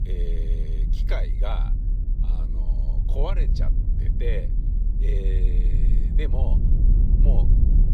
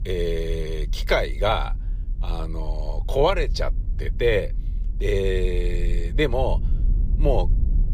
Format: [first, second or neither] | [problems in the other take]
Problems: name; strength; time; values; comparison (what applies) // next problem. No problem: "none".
second | low rumble; loud; throughout; 4 dB below the speech; faint in the second